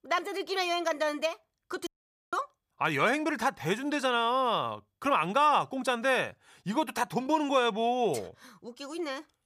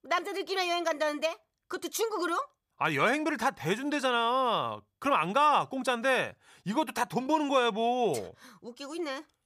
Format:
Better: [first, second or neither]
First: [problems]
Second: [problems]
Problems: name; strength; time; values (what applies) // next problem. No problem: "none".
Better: second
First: audio cutting out; at 2 s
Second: none